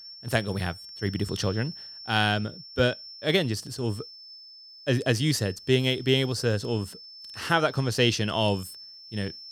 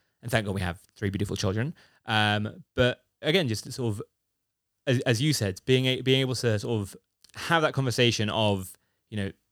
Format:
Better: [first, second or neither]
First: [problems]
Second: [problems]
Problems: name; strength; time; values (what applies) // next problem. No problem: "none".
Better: second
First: high-pitched whine; noticeable; throughout; 5.5 kHz, 15 dB below the speech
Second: none